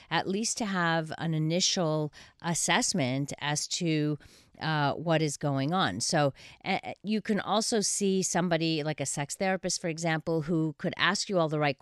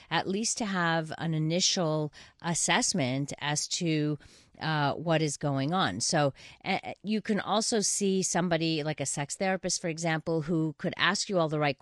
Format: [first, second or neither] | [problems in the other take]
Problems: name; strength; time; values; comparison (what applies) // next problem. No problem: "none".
first | garbled, watery; slightly